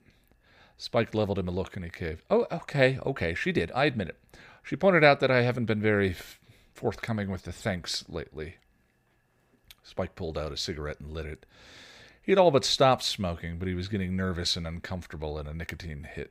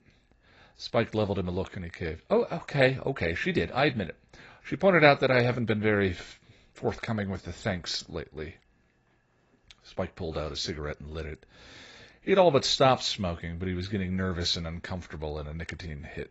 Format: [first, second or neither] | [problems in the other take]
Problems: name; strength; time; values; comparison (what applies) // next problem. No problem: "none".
first | garbled, watery; badly; nothing above 7.5 kHz